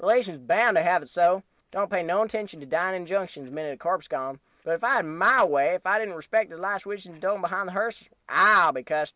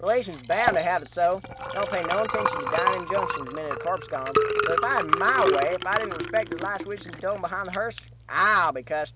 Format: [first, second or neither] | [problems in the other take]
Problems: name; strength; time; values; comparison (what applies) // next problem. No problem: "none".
first | background sound (Liquid); 3 dB below the speech